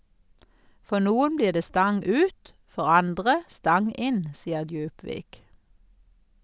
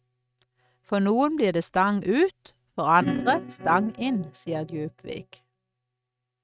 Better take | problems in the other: first | noise reduction (neural mask model RNNoise)

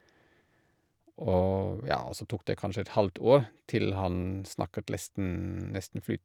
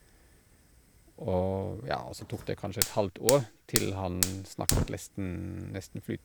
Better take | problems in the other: first | background sound (Fire); 3 dB below the speech

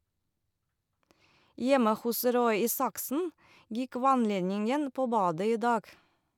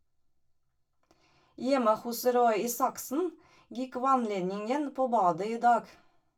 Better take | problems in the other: first | room echo; dies away in 0.2 s

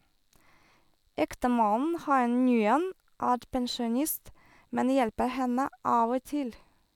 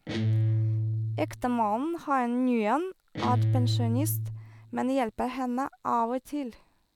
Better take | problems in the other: first | background sound (Guitar); as loud as the speech

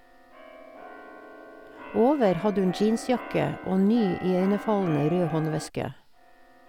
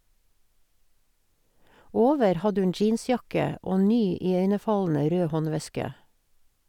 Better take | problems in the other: second | background sound (Keyboard (musical)); 14 dB below the speech

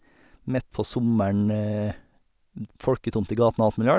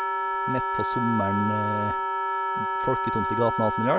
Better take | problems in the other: first | background sound (Wind instrument, woodwind instrument); 2 dB above the speech

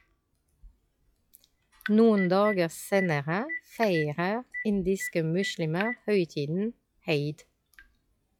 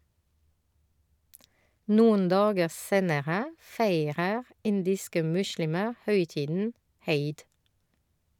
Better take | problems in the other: second | noise reduction (classical method log-MMSE)

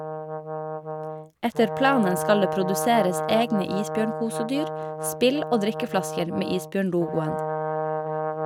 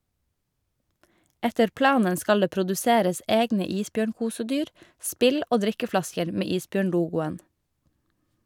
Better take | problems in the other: second | background sound (Brass instrument); 4 dB below the speech

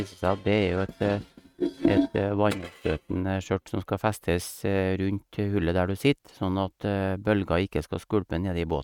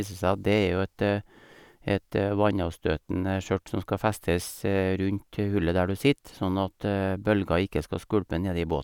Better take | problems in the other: second | noise reduction (neural mask model RNNoise)

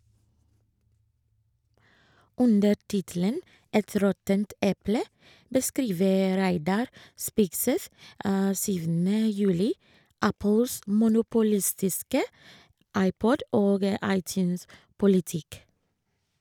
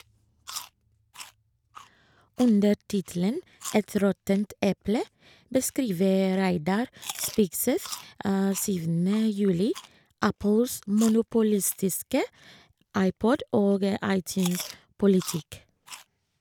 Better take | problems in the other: first | background sound (Chewing, mastication); 19 dB below the speech

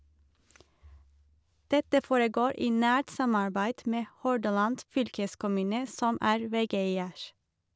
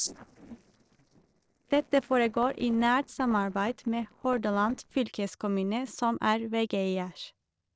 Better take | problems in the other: first | noise reduction (neural separator model SepFormer DNS4)

